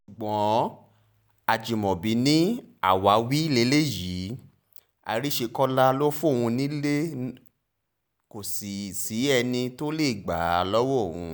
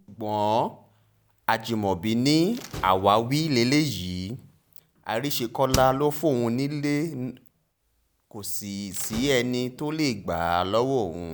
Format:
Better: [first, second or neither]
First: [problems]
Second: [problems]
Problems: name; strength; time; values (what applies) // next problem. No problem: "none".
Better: first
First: none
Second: background sound (Slam); 17 dB below the speech